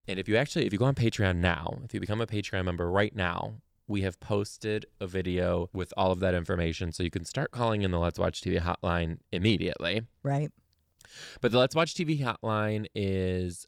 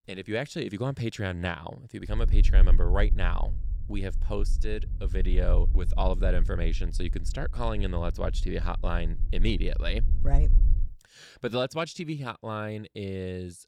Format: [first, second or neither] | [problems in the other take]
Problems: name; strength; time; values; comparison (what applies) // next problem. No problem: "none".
first | low rumble; noticeable; from 2 to 11 s; 15 dB below the speech